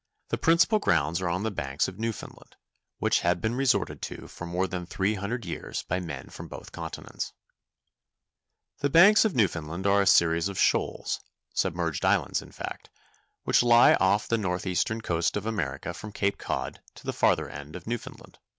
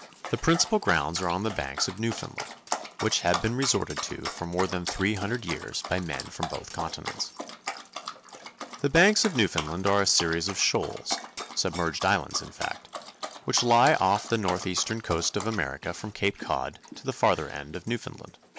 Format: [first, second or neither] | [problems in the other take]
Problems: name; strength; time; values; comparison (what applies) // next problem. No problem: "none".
first | background sound (Dog); 10 dB below the speech